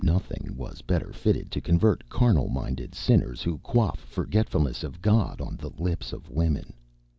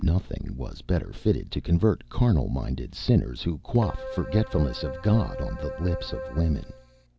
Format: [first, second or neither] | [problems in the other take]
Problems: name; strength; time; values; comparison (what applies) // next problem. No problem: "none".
first | background sound (Keyboard (musical)); 11 dB below the speech